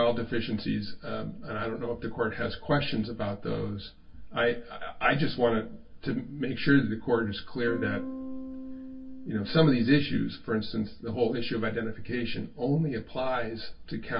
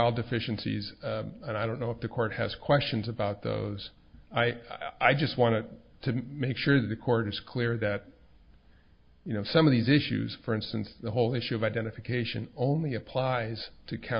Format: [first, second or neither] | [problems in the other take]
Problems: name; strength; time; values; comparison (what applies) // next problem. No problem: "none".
second | background sound (Electric guitar / Strum); 10 dB below the speech // room echo; dies away in 0.2 s